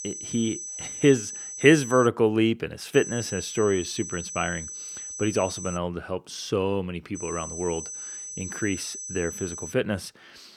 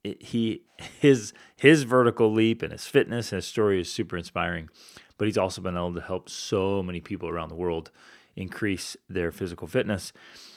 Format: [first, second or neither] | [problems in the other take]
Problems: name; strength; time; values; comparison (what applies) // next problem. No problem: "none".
second | high-pitched whine; loud; until 2 s, from 3 to 6 s and from 7 to 9.5 s; 6 kHz, 9 dB below the speech